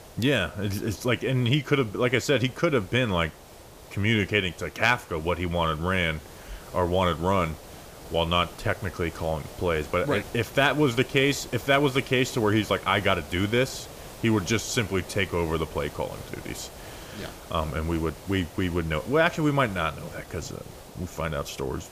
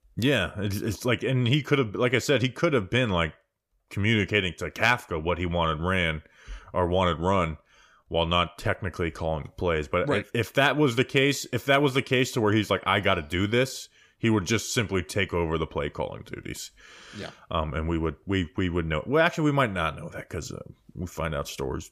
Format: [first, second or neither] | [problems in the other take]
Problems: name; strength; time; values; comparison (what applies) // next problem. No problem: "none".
second | hiss; noticeable; throughout; 20 dB below the speech